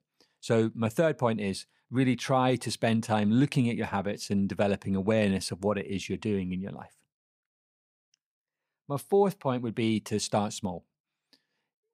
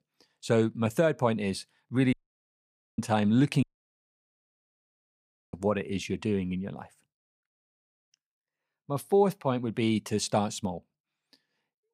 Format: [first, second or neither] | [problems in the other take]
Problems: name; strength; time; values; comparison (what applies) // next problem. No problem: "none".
first | audio cutting out; at 2 s for 1 s and at 3.5 s for 2 s